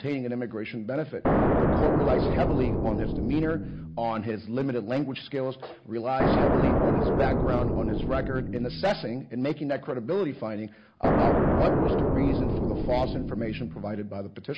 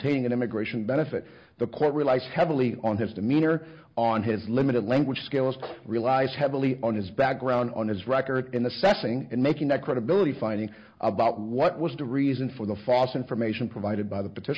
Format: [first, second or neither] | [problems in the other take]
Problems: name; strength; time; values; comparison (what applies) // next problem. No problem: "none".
second | background sound (Explosion); 5 dB above the speech